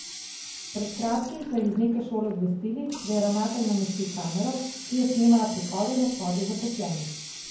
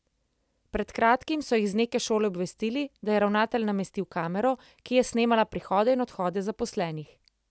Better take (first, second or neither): second